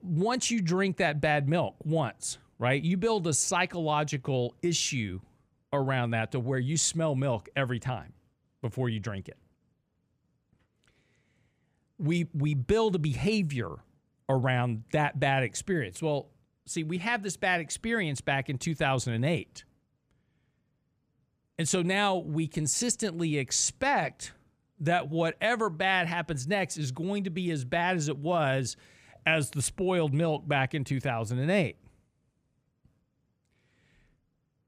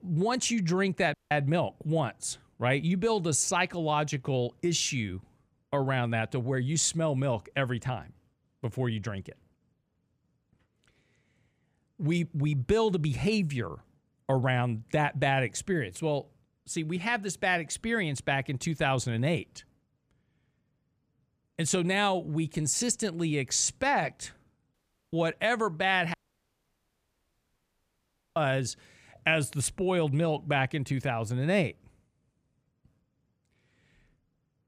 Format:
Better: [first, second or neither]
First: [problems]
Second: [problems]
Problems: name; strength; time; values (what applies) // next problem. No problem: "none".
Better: first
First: none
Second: audio cutting out; at 1 s, at 25 s and at 26 s for 2 s